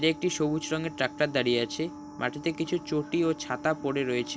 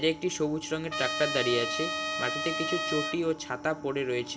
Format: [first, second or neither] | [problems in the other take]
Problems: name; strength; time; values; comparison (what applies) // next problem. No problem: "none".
first | background sound (Trumpet); 2 dB below the speech // room echo; dies away in 0.4 s